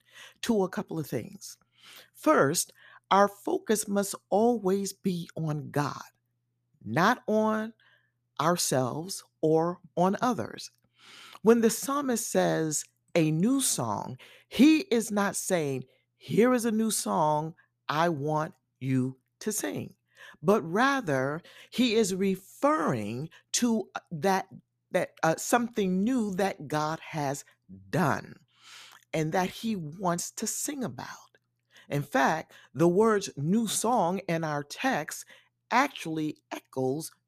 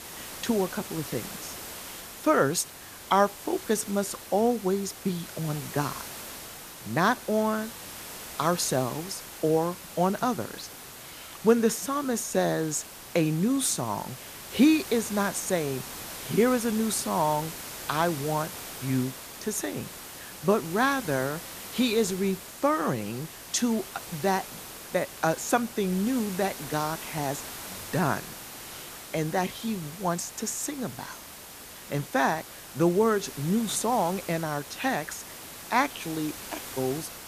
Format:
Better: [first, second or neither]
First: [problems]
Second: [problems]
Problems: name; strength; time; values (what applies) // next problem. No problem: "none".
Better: first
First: none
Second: hiss; noticeable; throughout; 10 dB below the speech